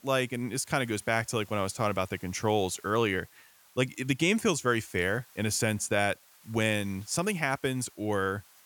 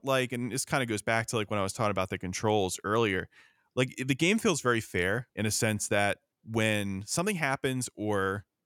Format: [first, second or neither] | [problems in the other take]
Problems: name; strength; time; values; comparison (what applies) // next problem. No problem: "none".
second | hiss; faint; throughout; 25 dB below the speech